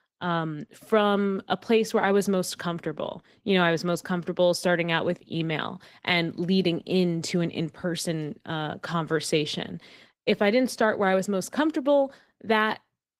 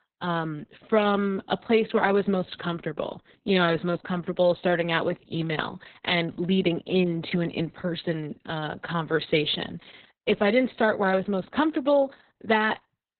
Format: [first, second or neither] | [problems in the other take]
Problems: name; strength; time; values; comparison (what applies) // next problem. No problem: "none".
first | garbled, watery; badly; nothing above 4 kHz; slightly in the first